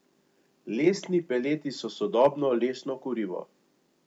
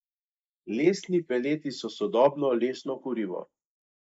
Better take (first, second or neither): first